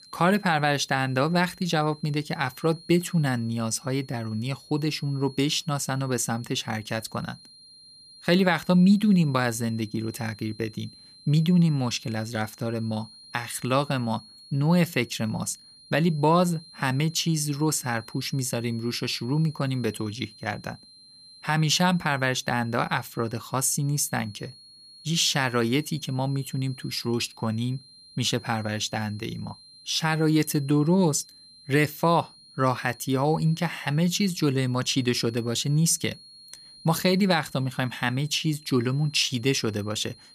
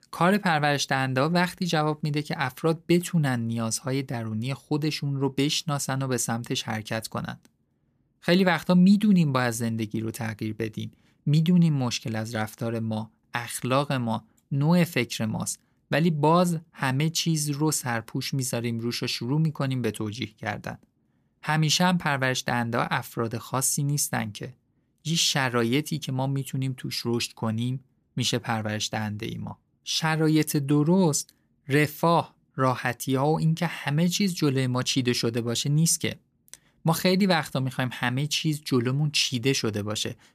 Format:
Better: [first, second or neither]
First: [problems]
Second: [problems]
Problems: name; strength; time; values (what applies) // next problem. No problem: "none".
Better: second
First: high-pitched whine; faint; throughout; 4 kHz, 20 dB below the speech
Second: none